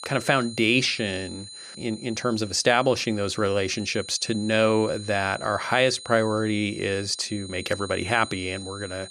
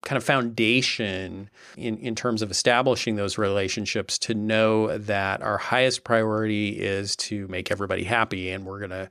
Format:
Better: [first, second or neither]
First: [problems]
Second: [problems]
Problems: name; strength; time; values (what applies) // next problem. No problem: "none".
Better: second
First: high-pitched whine; noticeable; throughout; 4 kHz, 15 dB below the speech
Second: none